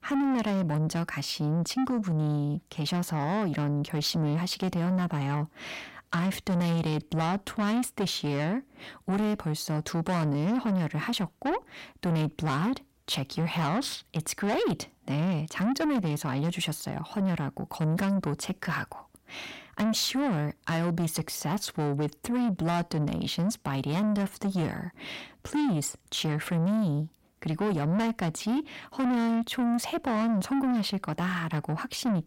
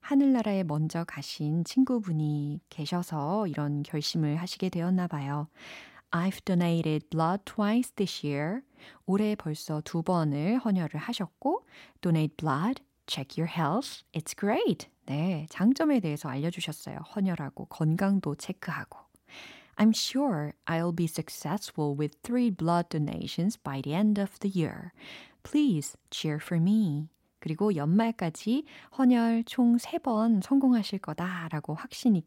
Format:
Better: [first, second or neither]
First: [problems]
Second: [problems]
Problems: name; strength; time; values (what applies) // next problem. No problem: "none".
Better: second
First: distortion; heavy; 7 dB below the speech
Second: none